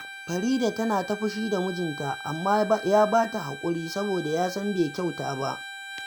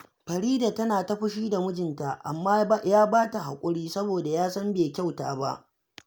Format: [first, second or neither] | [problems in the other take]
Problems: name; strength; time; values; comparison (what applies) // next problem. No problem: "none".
second | background sound (Bowed string instrument); 12 dB below the speech